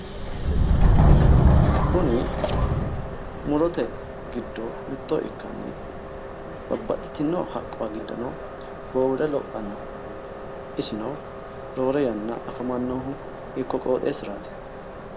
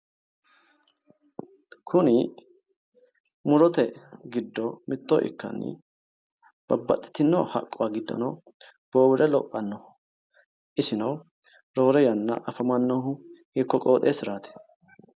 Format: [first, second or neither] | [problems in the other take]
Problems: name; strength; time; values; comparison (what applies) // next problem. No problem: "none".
second | background sound (Subway, metro, underground); 5 dB above the speech